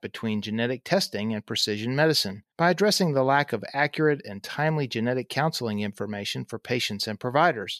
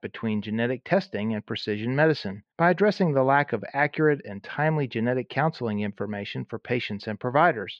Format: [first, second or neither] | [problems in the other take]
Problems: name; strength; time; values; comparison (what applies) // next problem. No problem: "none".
first | muffled; slightly; fading above 2.5 kHz